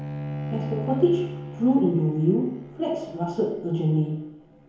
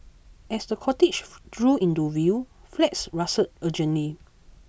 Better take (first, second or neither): second